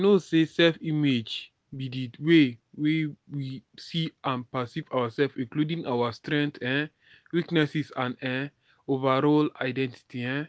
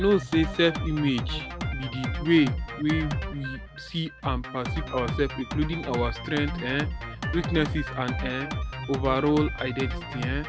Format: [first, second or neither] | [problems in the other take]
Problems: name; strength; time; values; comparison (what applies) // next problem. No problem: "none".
first | background sound (Drum kit); 4 dB below the speech